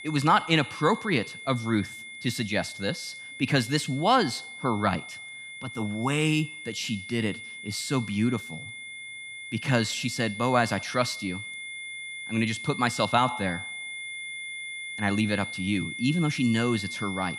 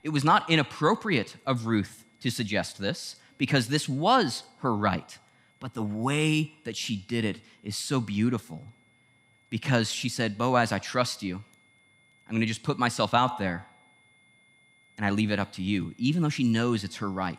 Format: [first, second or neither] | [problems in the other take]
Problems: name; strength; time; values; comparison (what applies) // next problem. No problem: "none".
second | high-pitched whine; loud; throughout; 2 kHz, 10 dB below the speech; faint in the second